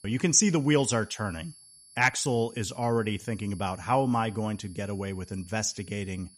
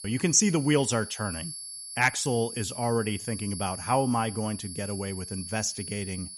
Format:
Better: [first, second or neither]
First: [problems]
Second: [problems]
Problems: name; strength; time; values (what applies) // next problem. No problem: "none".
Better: first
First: high-pitched whine; faint; throughout; 11 kHz, 25 dB below the speech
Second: high-pitched whine; loud; throughout; 11 kHz, 10 dB below the speech